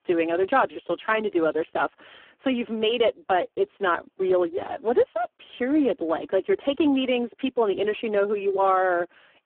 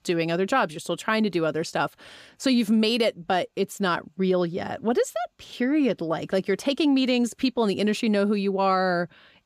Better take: second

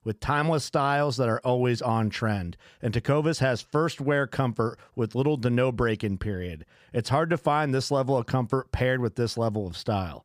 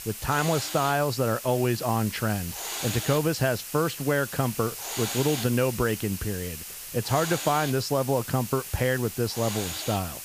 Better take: first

